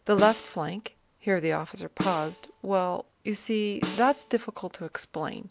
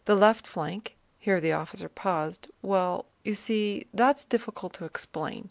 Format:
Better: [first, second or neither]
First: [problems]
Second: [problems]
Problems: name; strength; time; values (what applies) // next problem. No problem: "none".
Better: second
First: background sound (Snare drum); 11 dB below the speech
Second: none